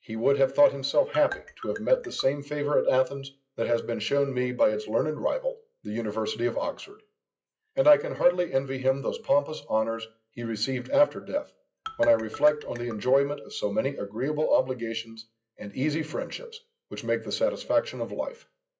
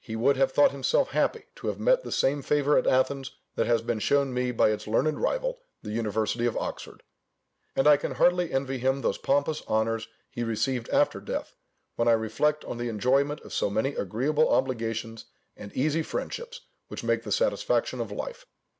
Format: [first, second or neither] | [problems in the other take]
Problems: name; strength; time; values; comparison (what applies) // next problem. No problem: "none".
second | noise reduction (classical method WPE with log-MMSE)